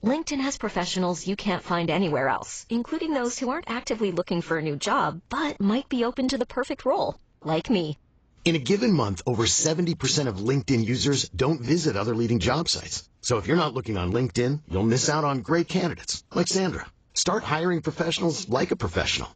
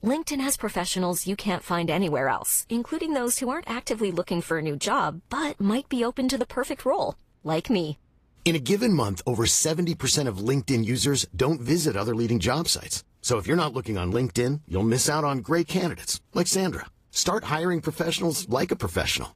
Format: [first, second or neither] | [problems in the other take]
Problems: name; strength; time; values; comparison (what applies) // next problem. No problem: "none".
second | garbled, watery; badly; nothing above 7.5 kHz; slightly in the second